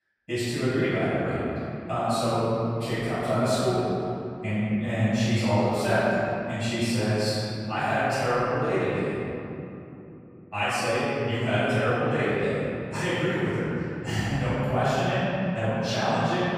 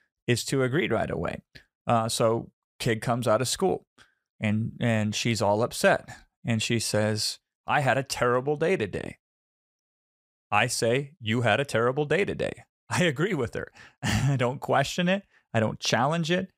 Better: second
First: off-mic speech; far // room echo; strong; dies away in 3 s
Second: none

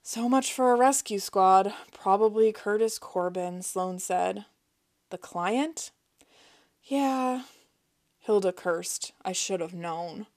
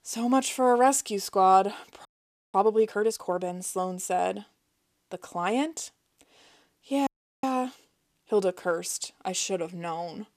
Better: first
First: none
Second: audio freezing; at 2 s and at 7 s

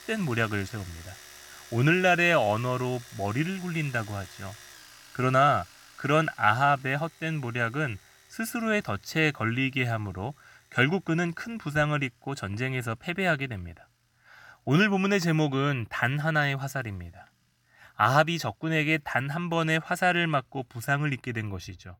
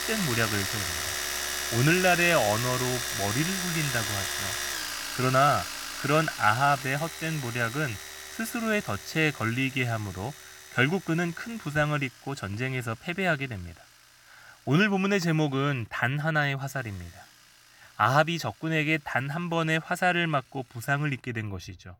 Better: first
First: household noises; faint; throughout; 20 dB below the speech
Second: household noises; loud; throughout; 4 dB below the speech

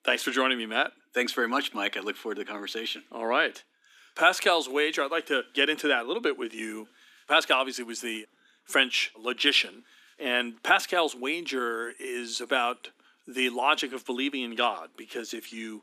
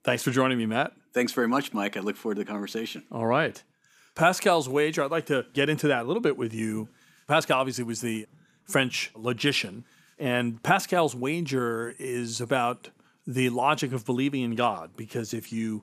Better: second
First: thin; very slightly; fading below 250 Hz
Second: none

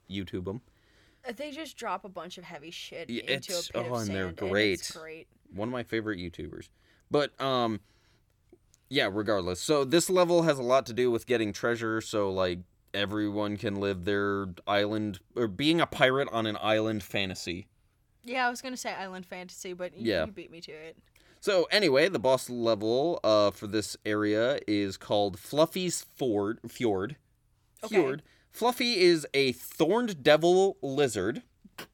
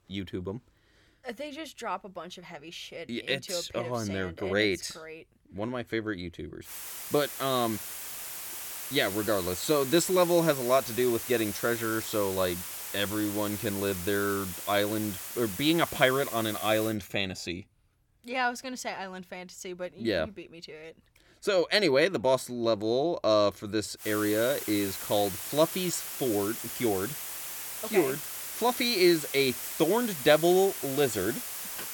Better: first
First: none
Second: hiss; loud; from 6.5 to 17 s and from 24 s on; 7 dB below the speech

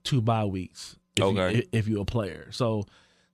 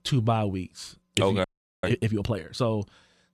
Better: first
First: none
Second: audio freezing; at 1.5 s

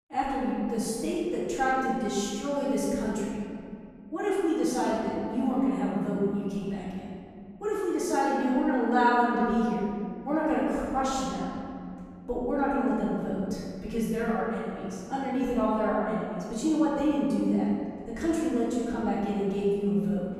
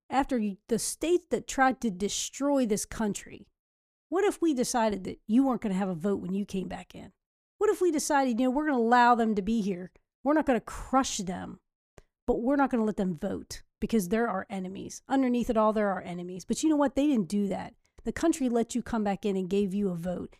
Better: second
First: off-mic speech; far // room echo; strong; dies away in 2.3 s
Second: none

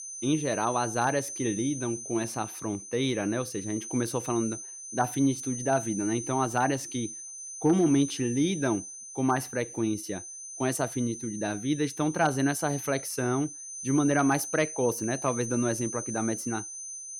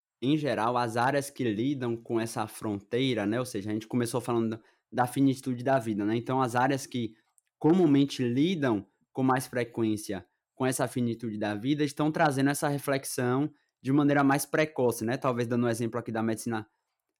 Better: second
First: high-pitched whine; loud; throughout; 6 kHz, 8 dB below the speech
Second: none

